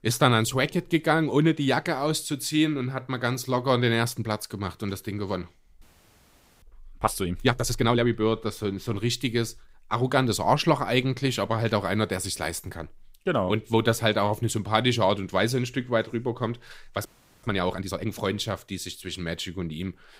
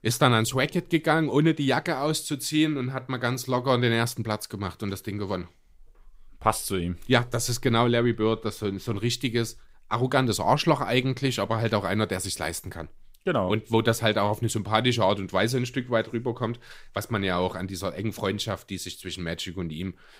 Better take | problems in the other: second | audio freezing; at 6 s for 1 s and at 17 s

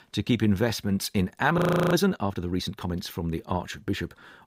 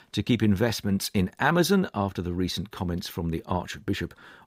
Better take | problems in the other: second | audio freezing; at 1.5 s

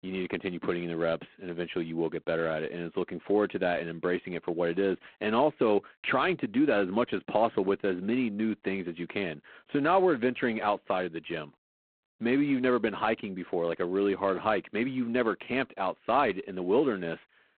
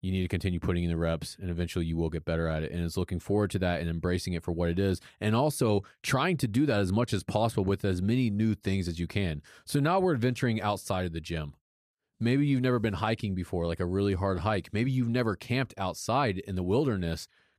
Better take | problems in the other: second | phone-call audio; poor line; nothing above 4 kHz

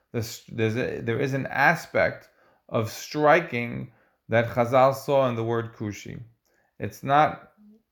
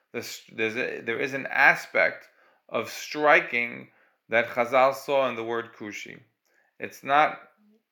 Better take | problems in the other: first | thin; somewhat; fading below 250 Hz

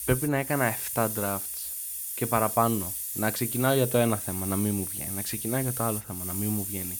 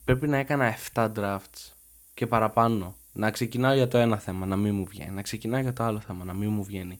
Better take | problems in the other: second | hiss; loud; throughout; 3 dB below the speech; faint in the second

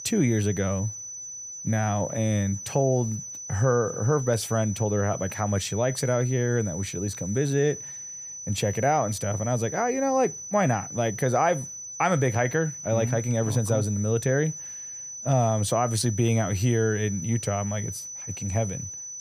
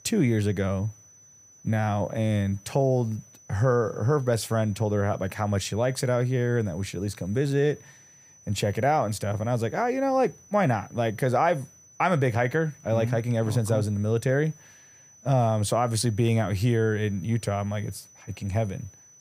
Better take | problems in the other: second | high-pitched whine; loud; throughout; 6 kHz, 9 dB below the speech; faint in the second

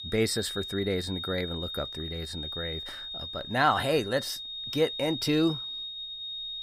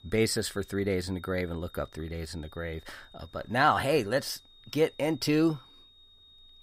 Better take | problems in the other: second | high-pitched whine; loud; throughout; 3.5 kHz, 6 dB below the speech; faint in the second

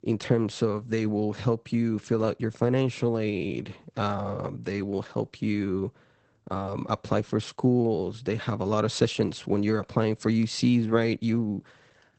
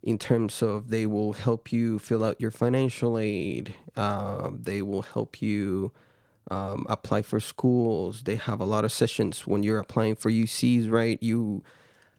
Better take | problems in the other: second | garbled, watery; badly; nothing above 8 kHz; slightly in the second

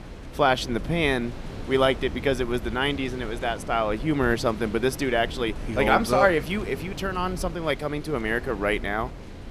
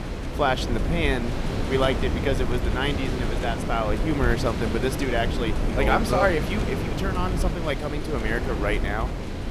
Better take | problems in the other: first | wind noise on the microphone; heavy; 6 dB below the speech; occasional gusts in the first

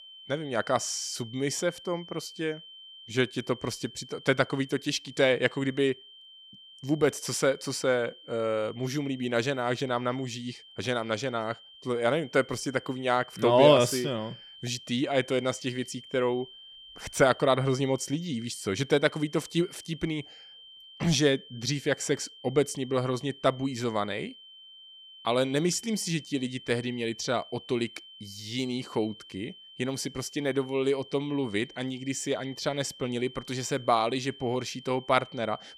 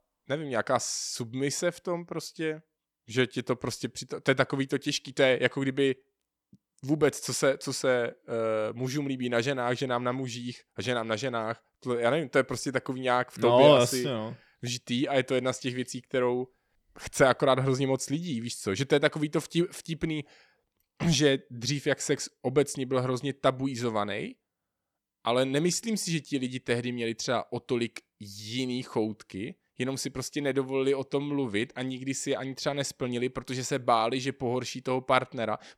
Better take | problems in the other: second | high-pitched whine; noticeable; throughout; 3 kHz, 20 dB below the speech

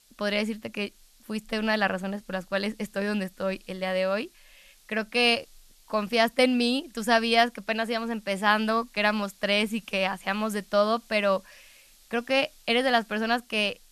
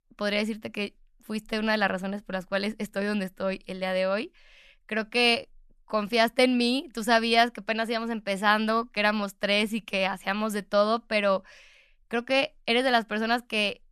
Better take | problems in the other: second | hiss; faint; throughout; 30 dB below the speech

